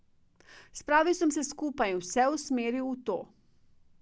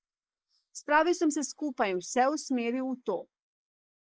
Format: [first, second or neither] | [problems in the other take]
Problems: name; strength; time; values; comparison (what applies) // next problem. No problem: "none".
first | noise reduction (neural mask model Resemble Enhance denoiser)